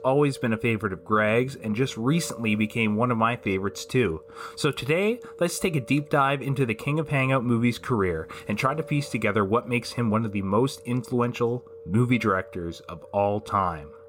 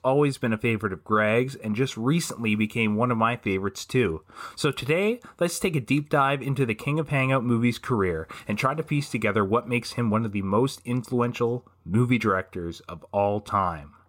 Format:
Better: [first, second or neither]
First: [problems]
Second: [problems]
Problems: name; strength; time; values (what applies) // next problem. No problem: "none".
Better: second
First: background music; faint; throughout; 20 dB below the speech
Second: none